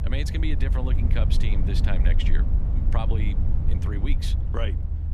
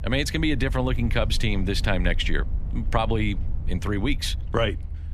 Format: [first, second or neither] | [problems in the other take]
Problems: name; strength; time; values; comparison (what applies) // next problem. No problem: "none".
second | low rumble; loud; throughout; 5 dB below the speech; faint in the second